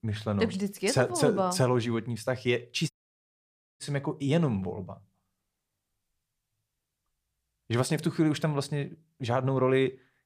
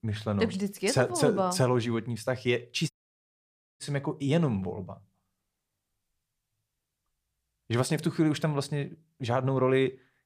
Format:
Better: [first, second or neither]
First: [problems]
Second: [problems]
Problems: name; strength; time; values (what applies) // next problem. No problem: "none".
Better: neither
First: audio cutting out; at 3 s for 1 s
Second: audio cutting out; at 3 s for 1 s